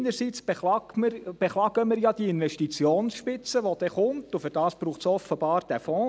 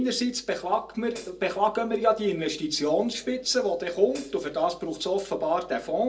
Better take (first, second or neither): first